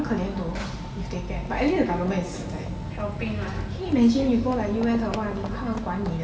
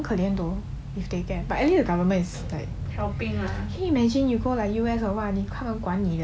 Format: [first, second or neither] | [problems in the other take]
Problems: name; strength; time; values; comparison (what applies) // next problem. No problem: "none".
second | background sound (Run / Train); 13 dB below the speech // room echo; dies away in 2.7 s